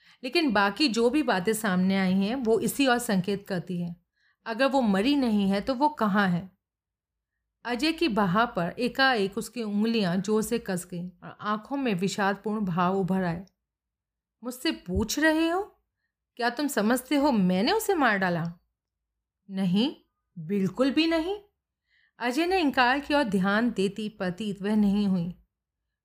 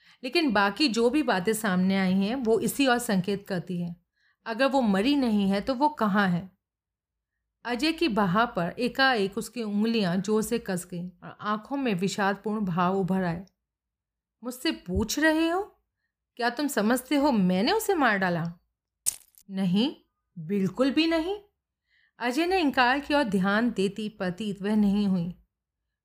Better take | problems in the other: first | jangling keys; noticeable; at 19 s; peak 4 dB below the speech

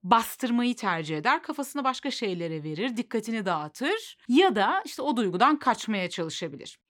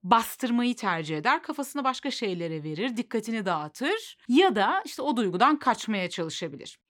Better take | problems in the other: neither | none

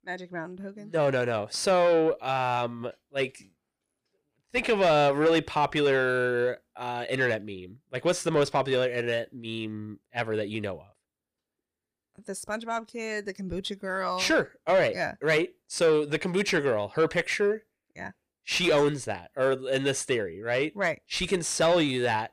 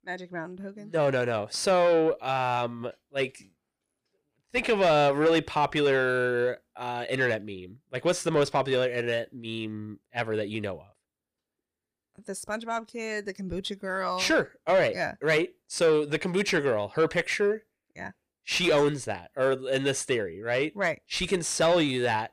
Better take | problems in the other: neither | distortion; slight; 10 dB below the speech; the same in both

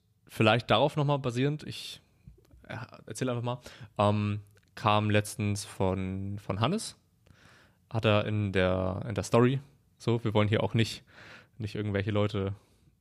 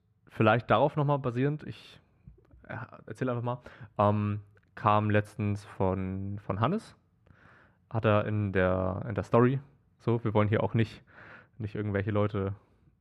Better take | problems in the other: first | muffled; very; fading above 3 kHz

